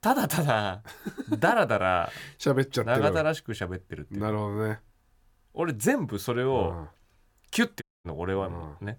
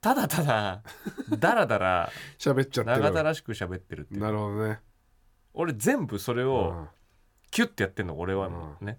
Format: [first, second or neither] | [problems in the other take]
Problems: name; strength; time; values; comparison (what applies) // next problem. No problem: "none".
second | audio cutting out; at 8 s